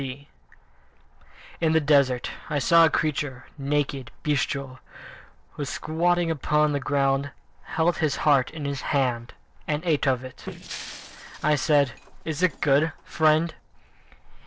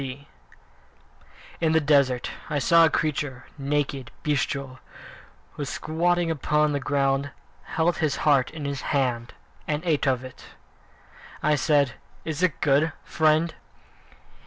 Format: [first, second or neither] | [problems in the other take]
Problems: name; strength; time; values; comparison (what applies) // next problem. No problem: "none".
second | noise reduction (neural separator model SepFormer DNS4)